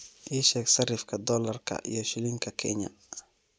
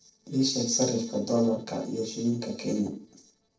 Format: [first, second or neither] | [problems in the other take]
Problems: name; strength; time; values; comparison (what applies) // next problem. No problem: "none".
first | noise reduction (neural separator model SepFormer DNS4)